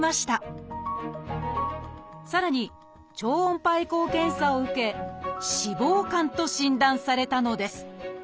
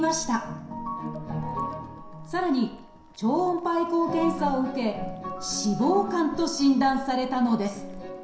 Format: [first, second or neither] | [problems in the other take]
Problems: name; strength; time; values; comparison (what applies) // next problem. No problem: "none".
first | background sound (Boiling); 18 dB below the speech // room echo; dies away in 0.7 s